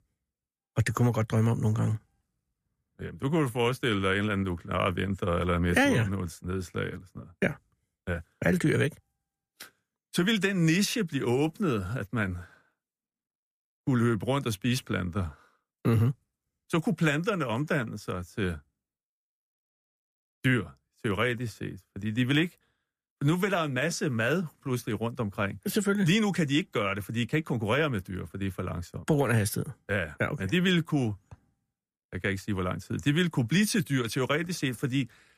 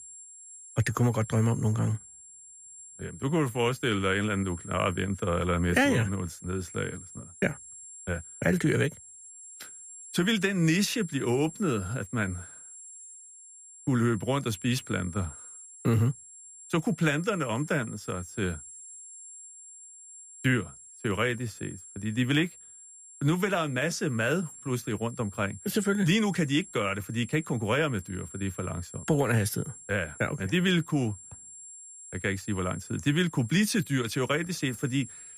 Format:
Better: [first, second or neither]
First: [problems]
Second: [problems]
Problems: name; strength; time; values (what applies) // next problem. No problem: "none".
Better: first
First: none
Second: high-pitched whine; noticeable; throughout; 7.5 kHz, 15 dB below the speech